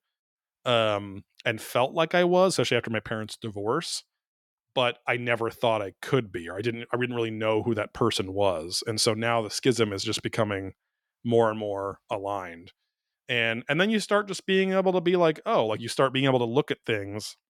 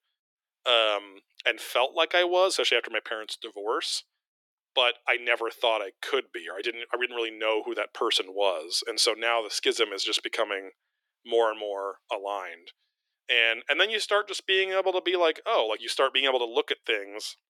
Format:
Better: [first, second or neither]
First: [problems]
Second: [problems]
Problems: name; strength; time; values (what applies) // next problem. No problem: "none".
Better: first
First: none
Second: thin; very; fading below 350 Hz